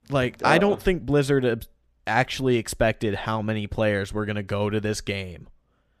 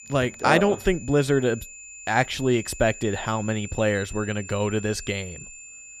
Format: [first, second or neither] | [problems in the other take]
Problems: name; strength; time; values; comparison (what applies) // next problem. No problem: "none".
first | high-pitched whine; noticeable; throughout; 7 kHz, 15 dB below the speech